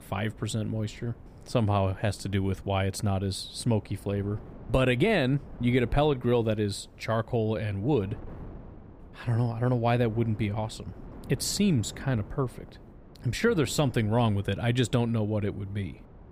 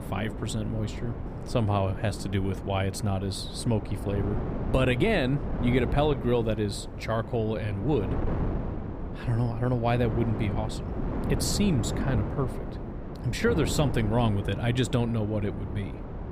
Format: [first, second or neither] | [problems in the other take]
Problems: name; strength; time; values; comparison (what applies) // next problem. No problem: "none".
first | wind noise on the microphone; heavy; 9 dB below the speech; occasional gusts in the first